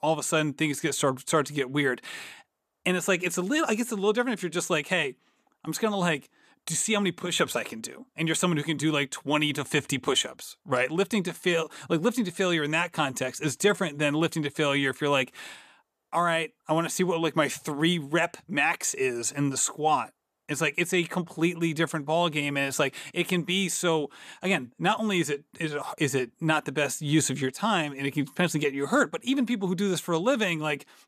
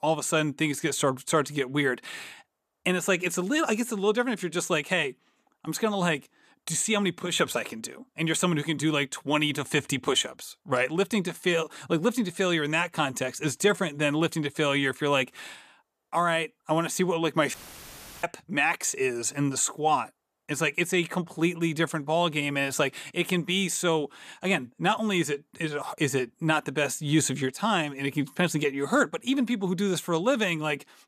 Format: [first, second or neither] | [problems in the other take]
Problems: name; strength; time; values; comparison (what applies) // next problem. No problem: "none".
first | audio cutting out; filled with static; at 18 s for 0.5 s